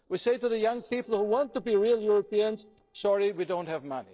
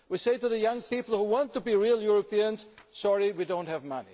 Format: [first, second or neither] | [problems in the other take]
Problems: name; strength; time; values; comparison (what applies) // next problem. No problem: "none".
second | noise reduction (neural separator model SepFormer DNS4)